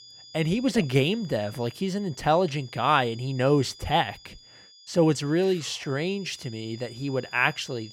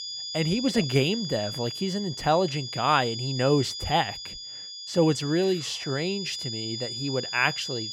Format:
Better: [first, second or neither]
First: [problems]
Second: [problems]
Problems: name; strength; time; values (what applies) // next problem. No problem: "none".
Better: first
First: high-pitched whine; faint; throughout; 5 kHz, 20 dB below the speech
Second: high-pitched whine; loud; throughout; 5 kHz, 7 dB below the speech